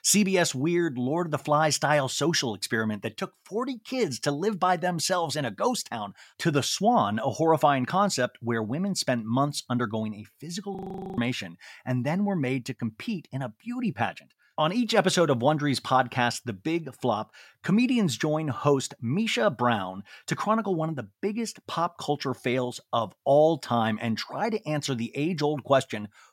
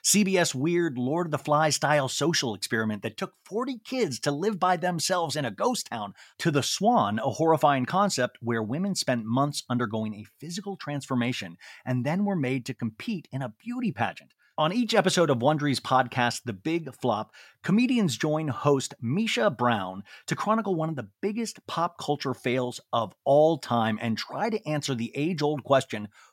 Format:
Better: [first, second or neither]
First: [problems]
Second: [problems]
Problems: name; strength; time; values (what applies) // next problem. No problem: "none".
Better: second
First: audio freezing; at 11 s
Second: none